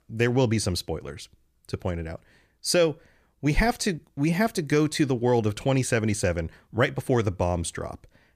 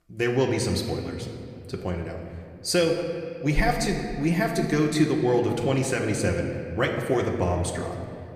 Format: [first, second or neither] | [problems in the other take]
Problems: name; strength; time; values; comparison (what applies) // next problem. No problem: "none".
first | room echo; slight; dies away in 2 s // off-mic speech; somewhat distant